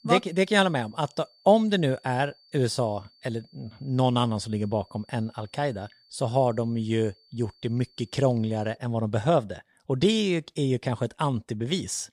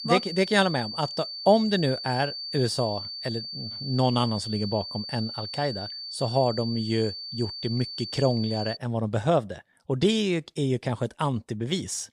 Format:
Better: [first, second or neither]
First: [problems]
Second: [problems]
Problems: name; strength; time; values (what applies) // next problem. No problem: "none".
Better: first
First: high-pitched whine; faint; until 9 s; 4.5 kHz, 30 dB below the speech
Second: high-pitched whine; loud; until 9 s; 4.5 kHz, 7 dB below the speech